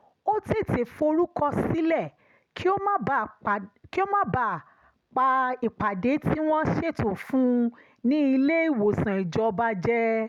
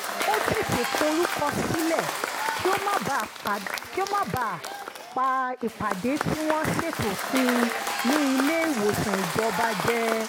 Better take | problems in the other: first | background sound (Applause / Crowd / Cheering); 3 dB below the speech

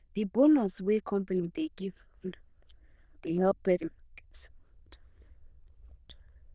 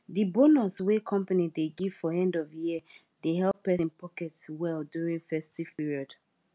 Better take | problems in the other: second | noise reduction (neural diffusion model UNIVERSE++)

